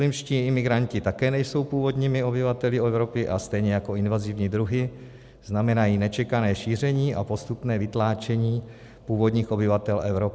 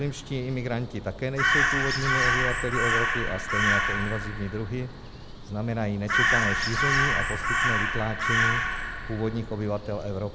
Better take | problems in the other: first | background sound (Crow); 3 dB above the speech

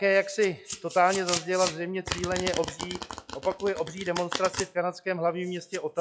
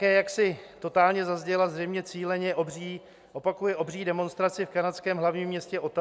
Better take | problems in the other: second | noise reduction (classical method log-MMSE)

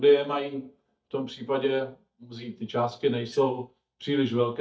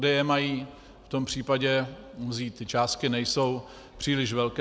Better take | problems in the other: second | noise reduction (neural mask model DeepFilterNet 3)

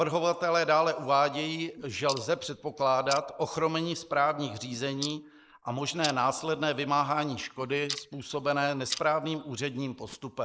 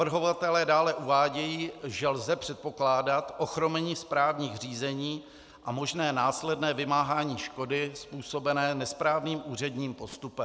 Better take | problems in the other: second | noise reduction (neural mask model Resemble Enhance denoiser)

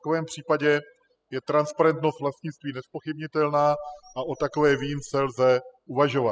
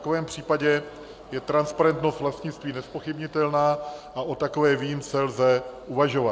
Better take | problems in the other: second | noise reduction (classical method spectral subtraction)

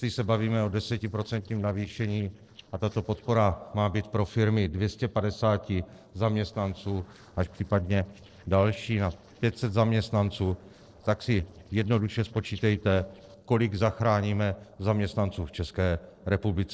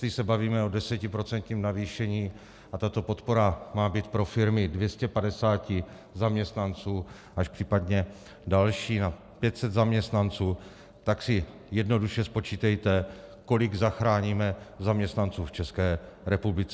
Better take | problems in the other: second | noise reduction (neural separator model SepFormer DNS4)

